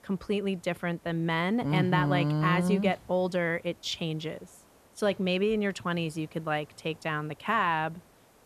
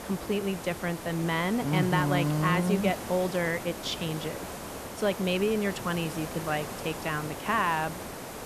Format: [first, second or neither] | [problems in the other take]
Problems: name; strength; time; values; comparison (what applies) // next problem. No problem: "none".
first | hiss; loud; throughout; 9 dB below the speech; faint in the first